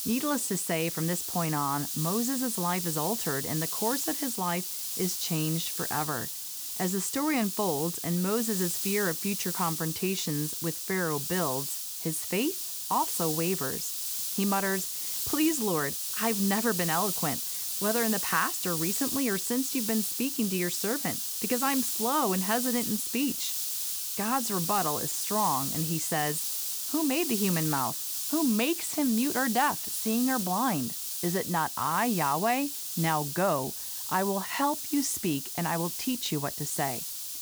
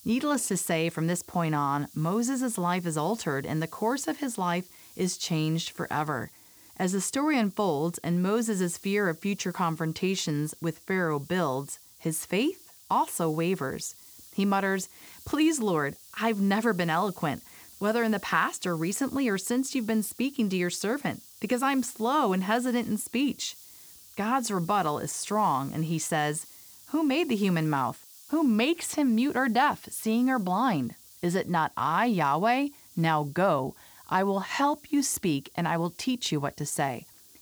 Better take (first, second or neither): second